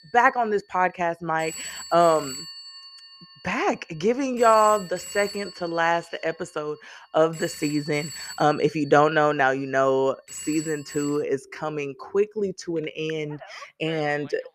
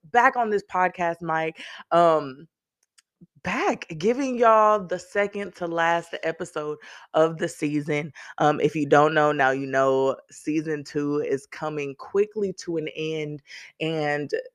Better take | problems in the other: second | alarms or sirens; noticeable; throughout; 15 dB below the speech

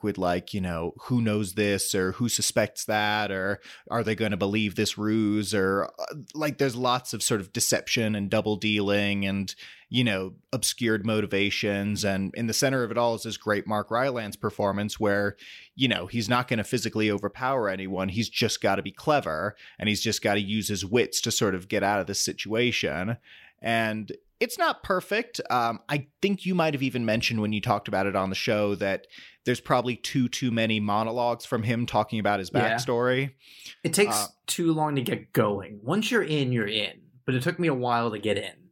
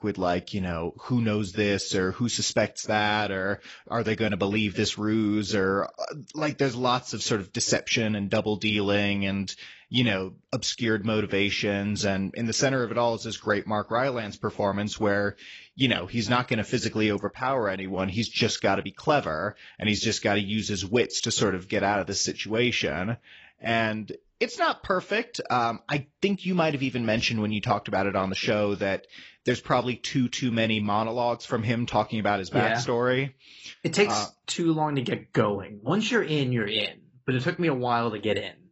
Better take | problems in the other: first | garbled, watery; badly; nothing above 8 kHz

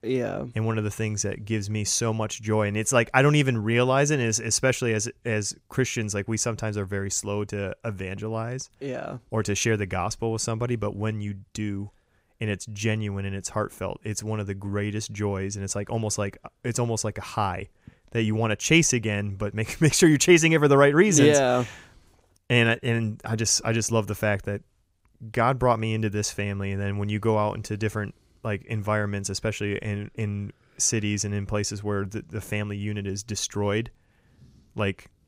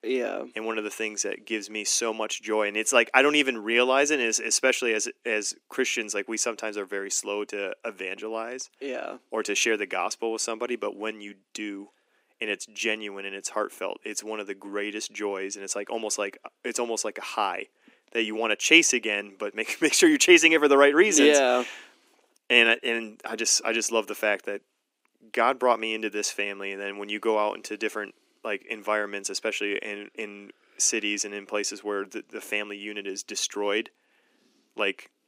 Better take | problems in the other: first | thin; somewhat; fading below 250 Hz

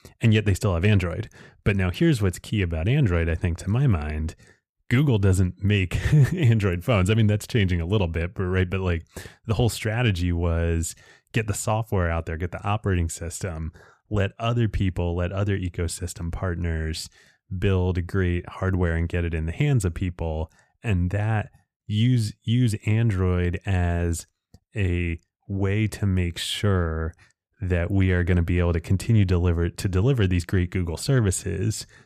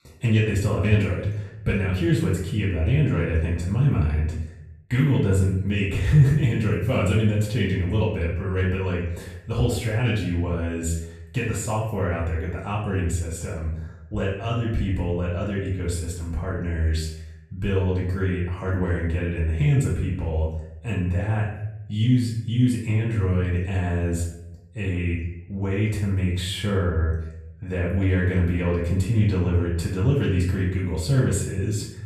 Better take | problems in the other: first | off-mic speech; far // room echo; noticeable; dies away in 0.7 s

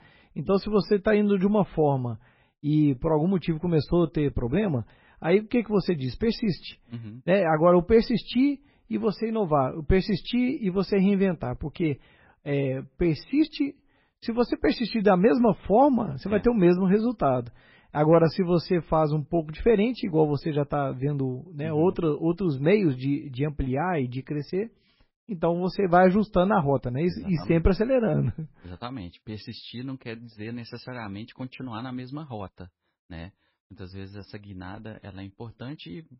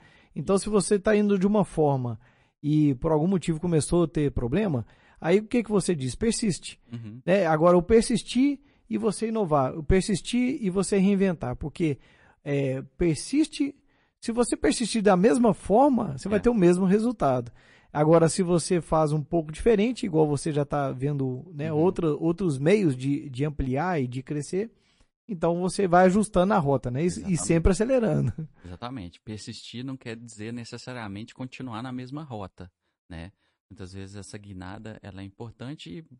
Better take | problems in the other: second | garbled, watery; badly; nothing above 5.5 kHz; slightly in the second

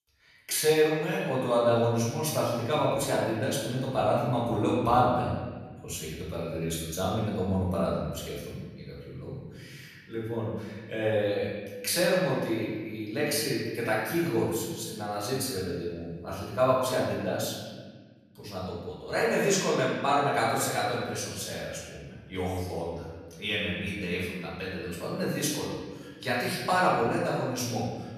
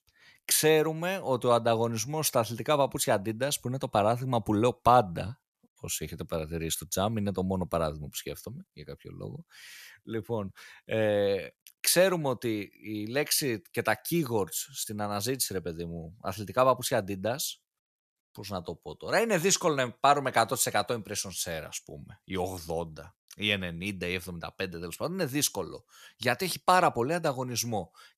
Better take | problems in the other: second | room echo; noticeable; dies away in 1.5 s // off-mic speech; far

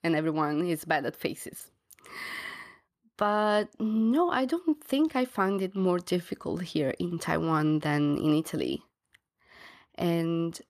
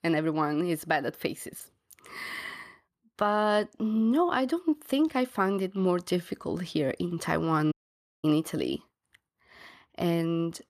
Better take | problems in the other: first | audio cutting out; at 7.5 s for 0.5 s

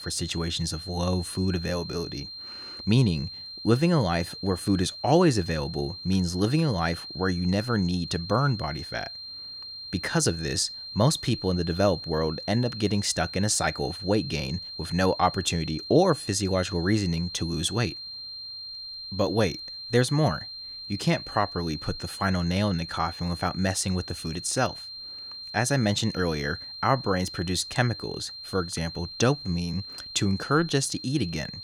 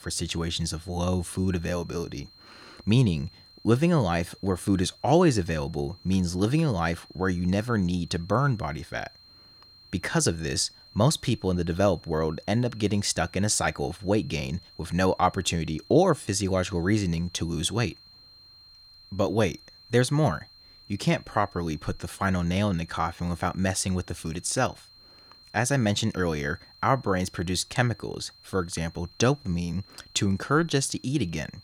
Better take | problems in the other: second | high-pitched whine; loud; throughout; 4 kHz, 10 dB below the speech; faint in the second

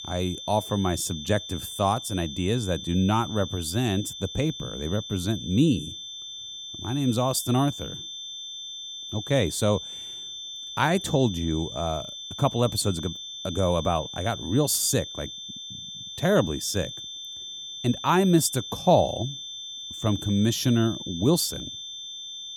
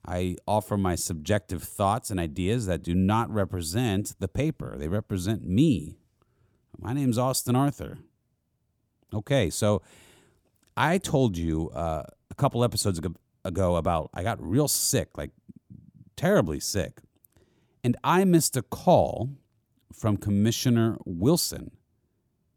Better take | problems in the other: second | high-pitched whine; loud; throughout; 3.5 kHz, 10 dB below the speech

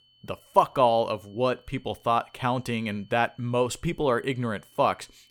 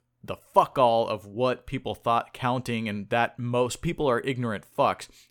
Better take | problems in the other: second | high-pitched whine; faint; throughout; 3 kHz, 35 dB below the speech

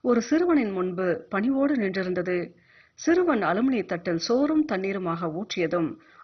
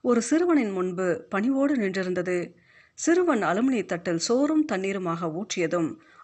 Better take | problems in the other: second | garbled, watery; badly; nothing above 6 kHz; slightly in the second

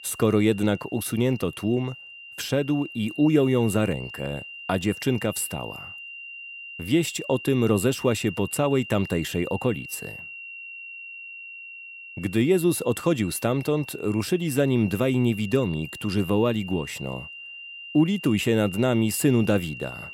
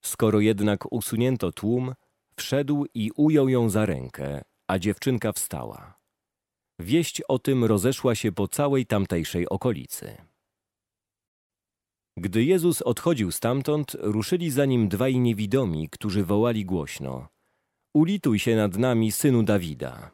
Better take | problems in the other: second | high-pitched whine; noticeable; throughout; 3 kHz, 15 dB below the speech

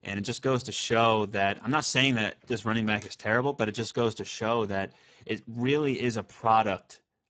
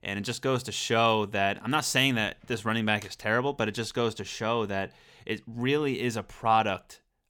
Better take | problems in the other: second | garbled, watery; badly; nothing above 7.5 kHz

